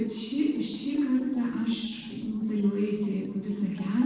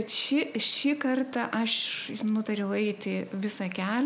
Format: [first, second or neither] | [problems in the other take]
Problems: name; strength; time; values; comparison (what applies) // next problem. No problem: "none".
second | noise reduction (neural separator model SepFormer DNS4)